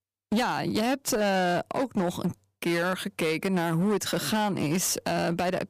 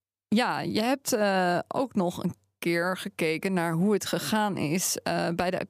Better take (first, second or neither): second